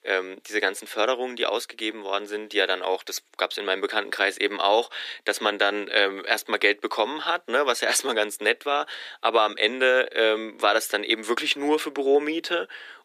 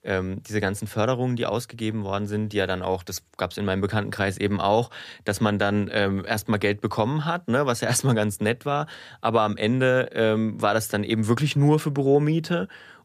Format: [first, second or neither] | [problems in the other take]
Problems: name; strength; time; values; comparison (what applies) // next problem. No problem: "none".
second | thin; very; fading below 300 Hz